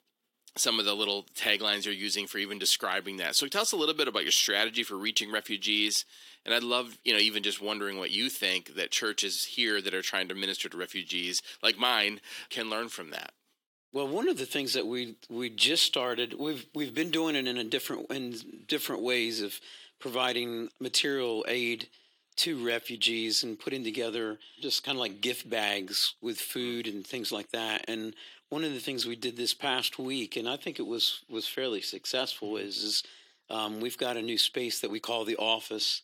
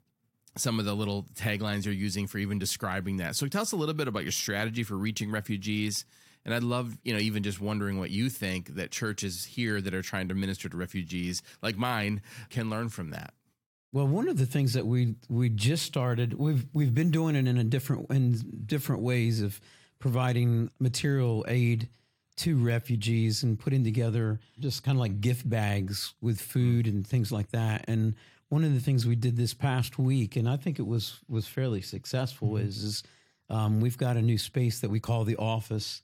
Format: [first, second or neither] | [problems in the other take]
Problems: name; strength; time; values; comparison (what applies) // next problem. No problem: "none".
second | thin; very; fading below 300 Hz